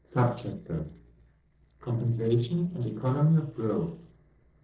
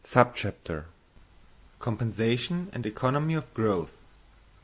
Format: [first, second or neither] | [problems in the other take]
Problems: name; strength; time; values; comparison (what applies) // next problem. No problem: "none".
second | noise reduction (neural separator model SepFormer DNS4)